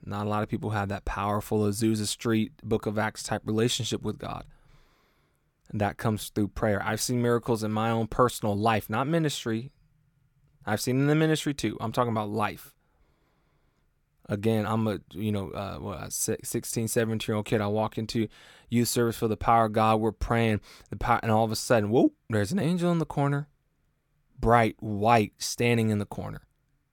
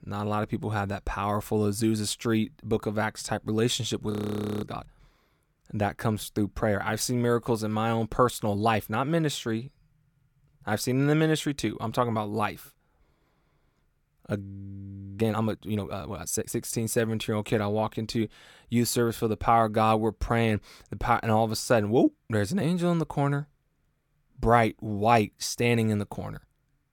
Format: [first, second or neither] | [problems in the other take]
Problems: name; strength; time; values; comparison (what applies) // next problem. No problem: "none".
first | audio freezing; at 4 s for 0.5 s and at 14 s for 1 s